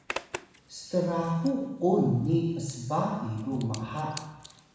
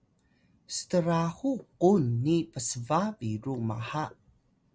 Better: second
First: background sound (Zipper (clothing)); 16 dB below the speech // room echo; dies away in 1.1 s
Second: none

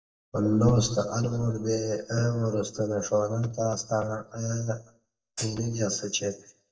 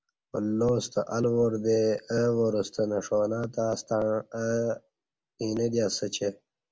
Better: second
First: noise reduction (neural mask model DeepFilterNet 3)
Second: none

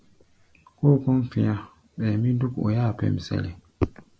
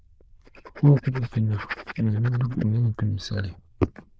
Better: first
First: none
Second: noise reduction (neural diffusion model UNIVERSE++)

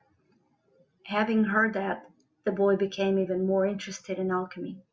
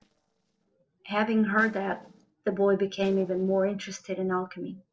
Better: first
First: none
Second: noise reduction (neural separator model SepFormer DNS4)

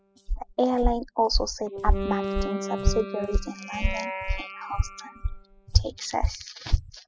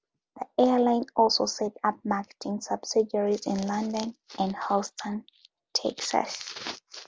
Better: second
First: noise reduction (classical method spectral subtraction)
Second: none

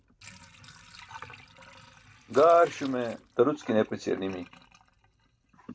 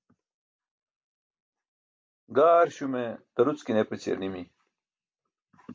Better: second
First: background sound (Sink (filling or washing) / Water); 20 dB below the speech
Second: none

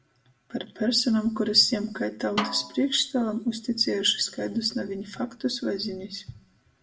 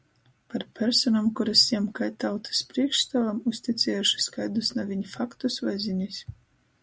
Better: second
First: background sound (Snare drum); 7 dB below the speech // room echo; dies away in 0.4 s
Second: none

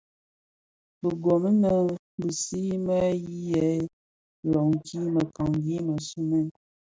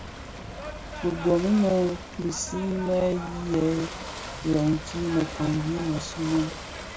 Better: first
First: none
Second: background sound (Ocean / Boat, Water vehicle); 10 dB below the speech

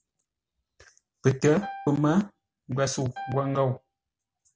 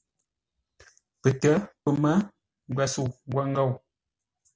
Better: second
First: background sound (Piano); 16 dB below the speech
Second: none

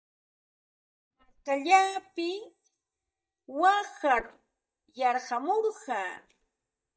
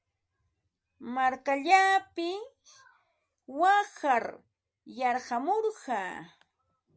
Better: second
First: noise reduction (neural mask model DeepFilterNet 3)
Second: none

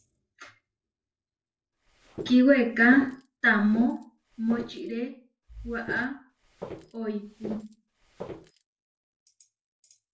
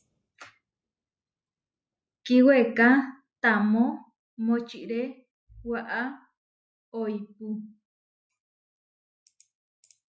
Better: second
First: noise reduction (neural separator model SepFormer DNS4)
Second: none

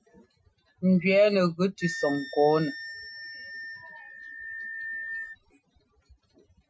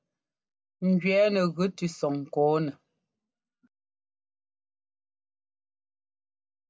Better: second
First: noise reduction (classical method Wiener filter)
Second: none

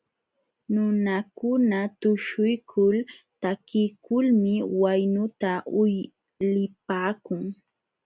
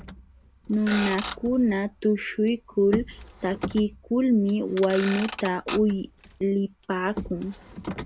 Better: first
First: none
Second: background sound (Motor vehicle (road)); 12 dB below the speech

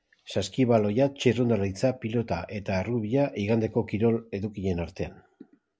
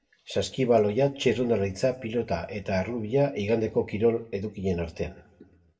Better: first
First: none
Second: room echo; dies away in 0.6 s

